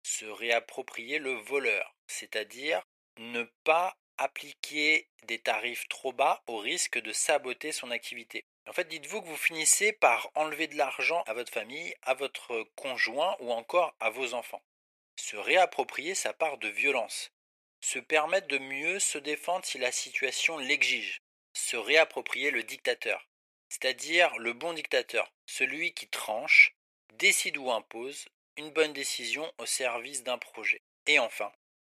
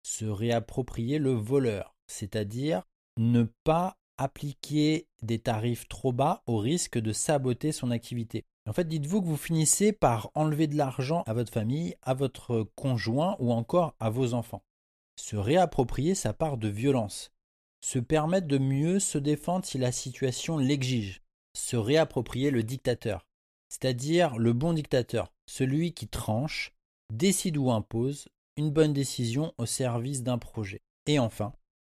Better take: second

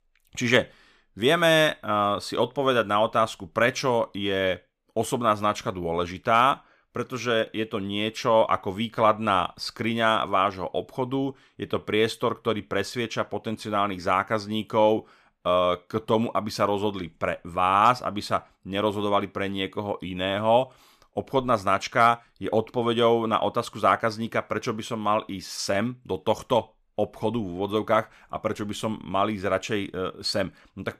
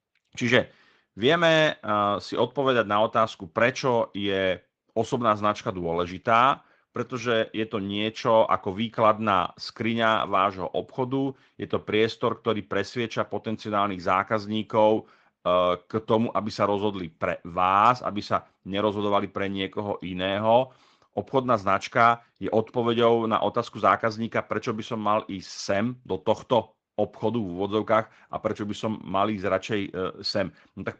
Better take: first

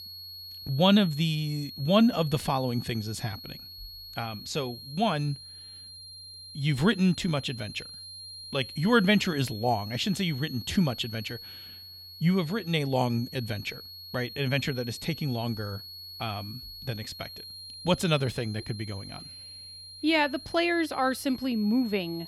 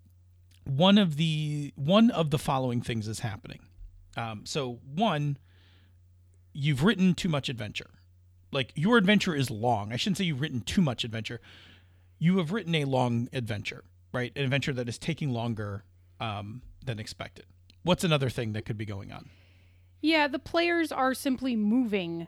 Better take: second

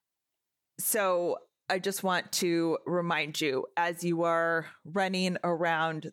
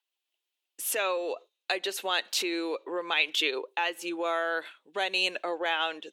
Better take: first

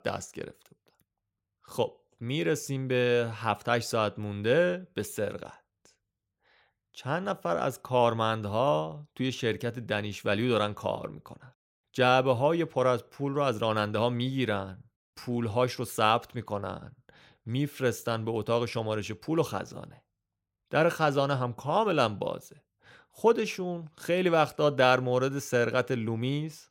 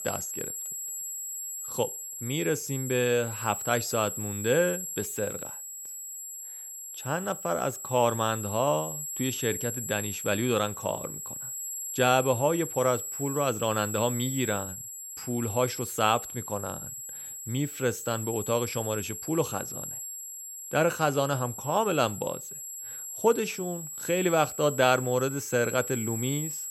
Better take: first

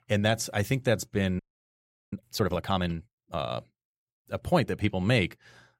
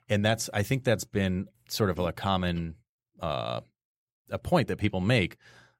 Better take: second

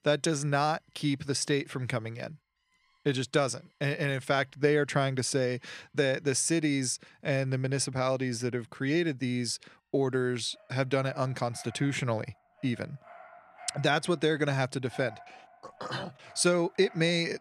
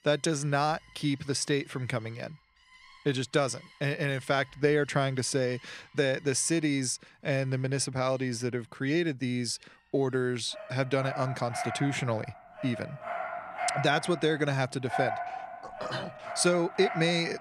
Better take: first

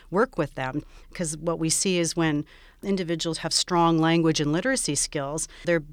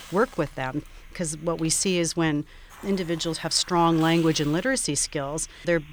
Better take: first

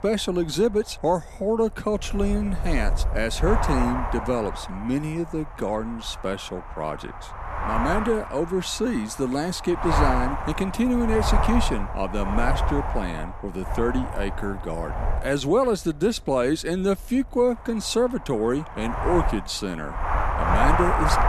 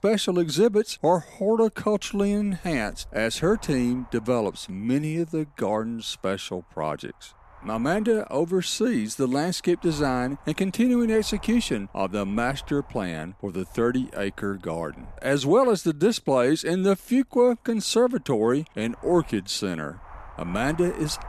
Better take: second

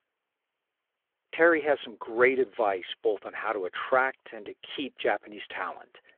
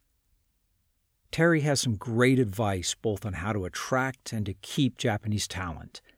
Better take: second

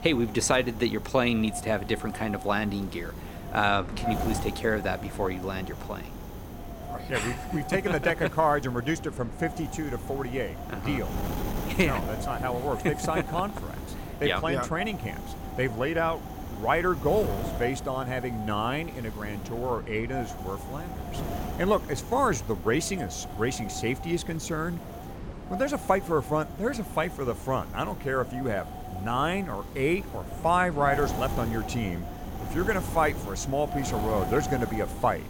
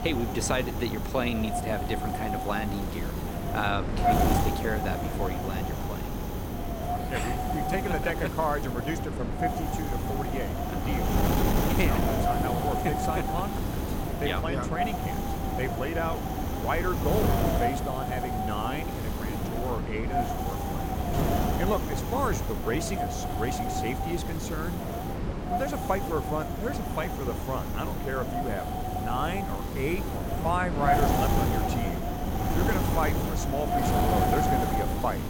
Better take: first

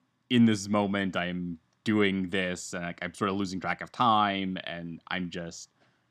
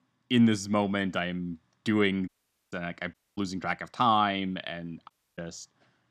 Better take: first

